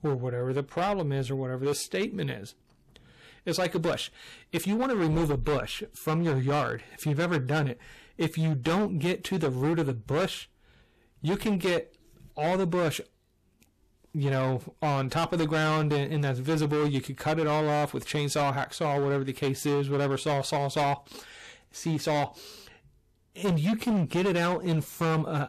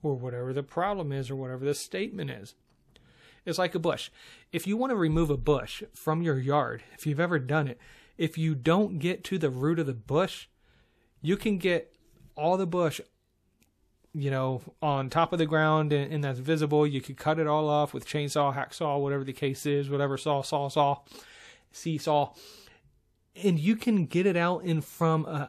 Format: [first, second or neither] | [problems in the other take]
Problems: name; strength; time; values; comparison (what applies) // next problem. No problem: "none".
second | distortion; heavy; 15% of the sound clipped